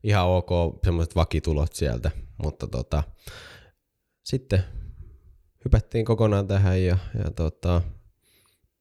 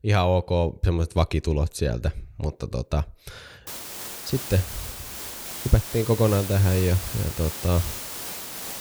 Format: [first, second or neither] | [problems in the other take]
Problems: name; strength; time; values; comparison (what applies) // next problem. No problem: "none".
first | hiss; loud; from 3.5 s on; 8 dB below the speech